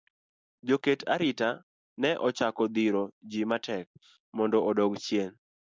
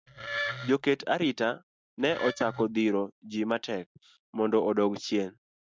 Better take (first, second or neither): first